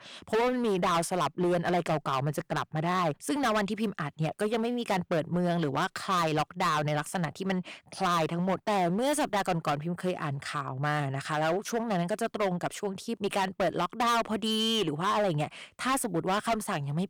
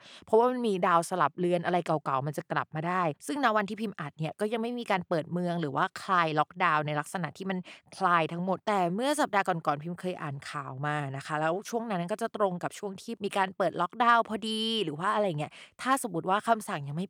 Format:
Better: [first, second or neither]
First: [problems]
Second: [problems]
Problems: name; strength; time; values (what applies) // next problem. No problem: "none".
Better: second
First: distortion; heavy; 13% of the sound clipped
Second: none